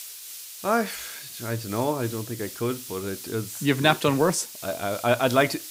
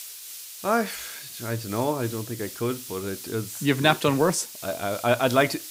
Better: neither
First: hiss; noticeable; throughout; 10 dB below the speech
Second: hiss; noticeable; throughout; 10 dB below the speech

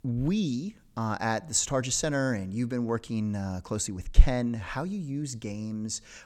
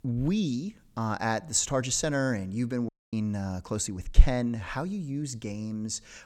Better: first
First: none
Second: audio cutting out; at 3 s

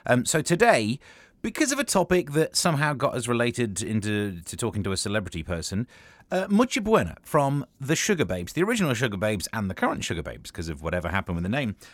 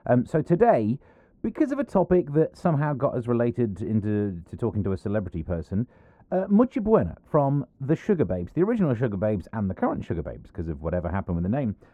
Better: first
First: none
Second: muffled; very; fading above 2 kHz

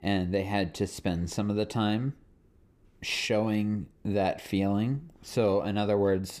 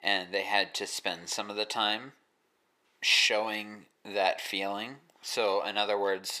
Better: first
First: none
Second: thin; very; fading below 700 Hz

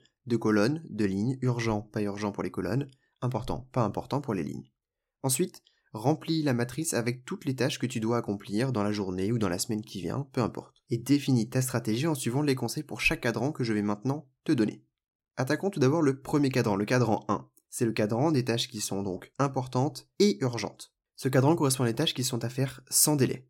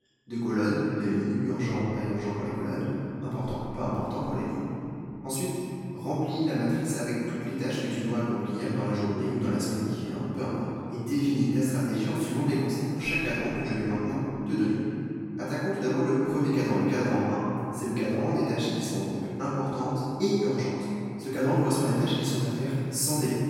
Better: first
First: none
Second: off-mic speech; far // room echo; strong; dies away in 2.9 s

